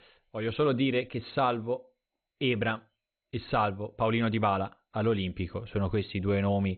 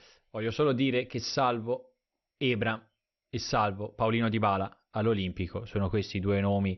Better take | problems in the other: second | garbled, watery; badly; nothing above 4 kHz; slightly in the second

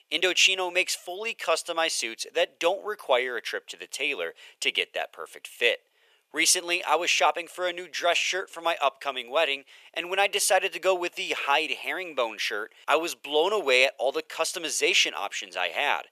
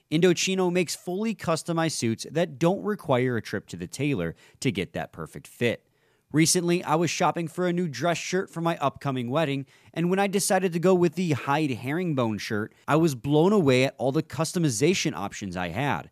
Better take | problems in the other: second | thin; very; fading below 500 Hz

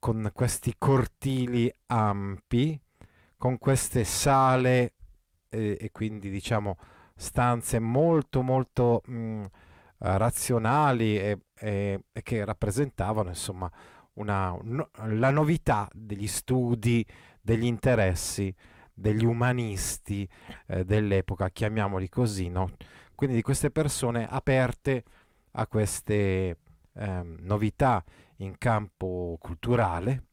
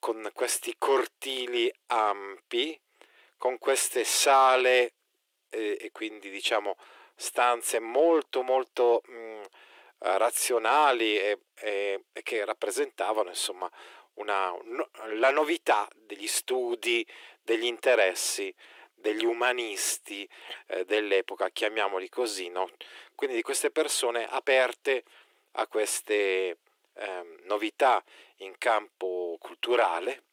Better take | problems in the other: first | thin; very; fading below 350 Hz

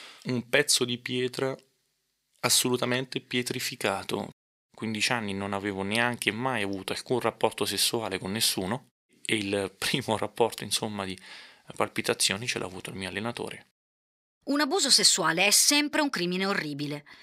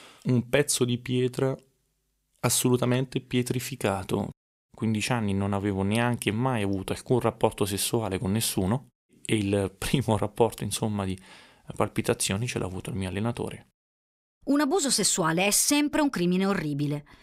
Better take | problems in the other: second | thin; very slightly; fading below 650 Hz

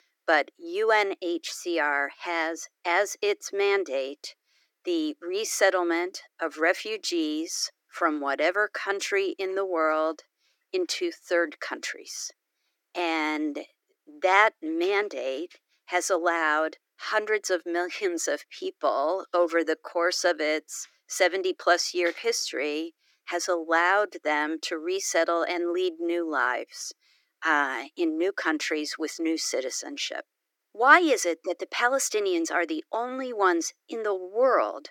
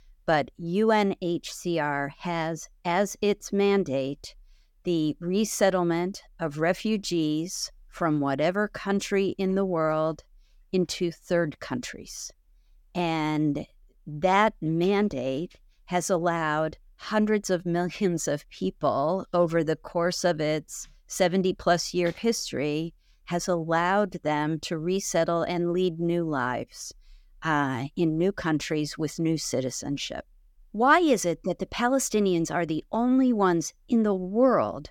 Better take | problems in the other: second | thin; very; fading below 300 Hz

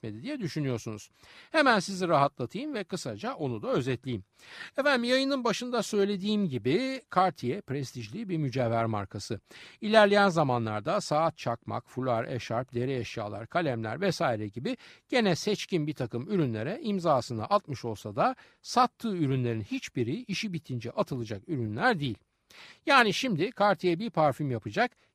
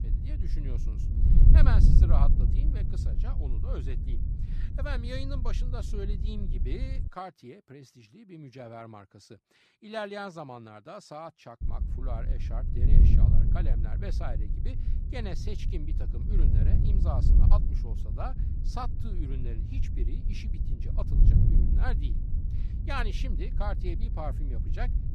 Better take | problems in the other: first | wind noise on the microphone; heavy; until 7 s and from 12 s on; 4 dB below the speech

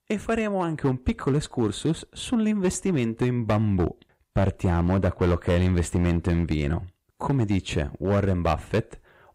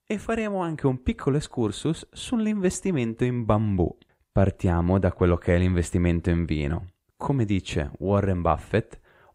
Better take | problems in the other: second | distortion; slight; 7% of the sound clipped

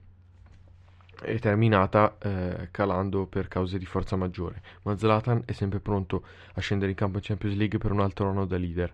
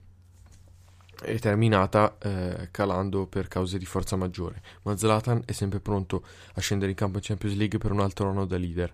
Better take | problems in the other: second | muffled; slightly; fading above 2.5 kHz

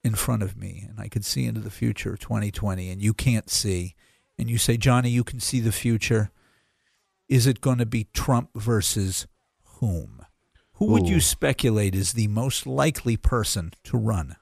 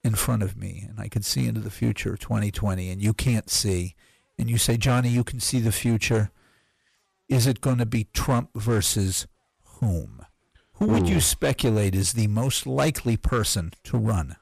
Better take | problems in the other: first | distortion; slight; 6% of the sound clipped

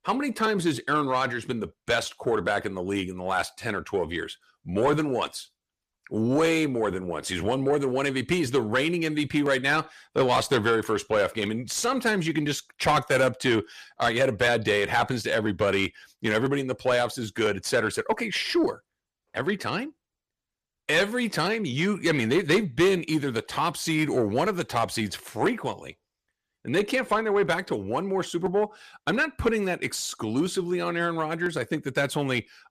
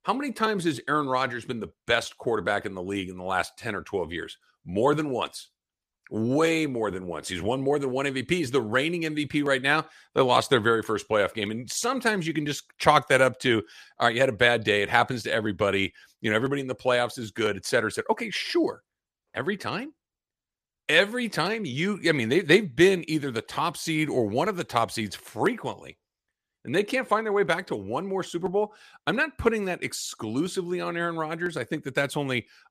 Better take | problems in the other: second | distortion; slight; 10 dB below the speech

